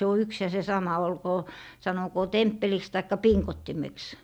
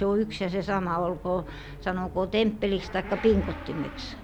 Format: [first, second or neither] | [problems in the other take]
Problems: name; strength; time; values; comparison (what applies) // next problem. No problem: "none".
first | background sound (Motorcycle / Accelerating, revving, vroom); 13 dB below the speech